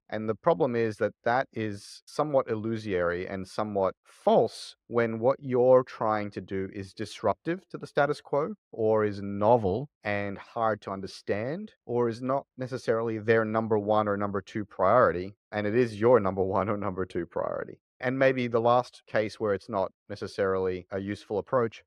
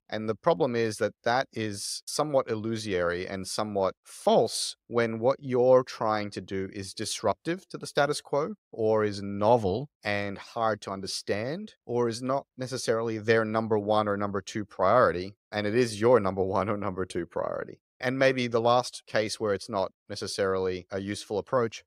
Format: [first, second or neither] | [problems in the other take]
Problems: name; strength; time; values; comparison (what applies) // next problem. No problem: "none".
second | muffled; slightly; fading above 3.5 kHz